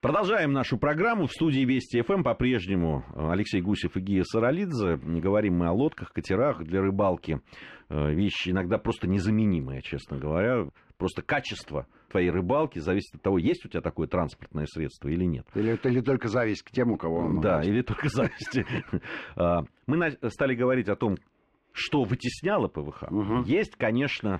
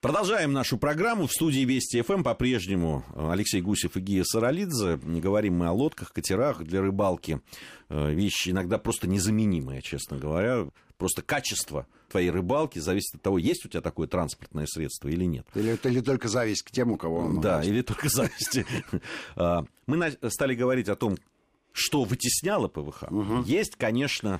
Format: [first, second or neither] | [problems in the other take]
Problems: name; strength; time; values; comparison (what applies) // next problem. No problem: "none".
second | muffled; slightly; fading above 2.5 kHz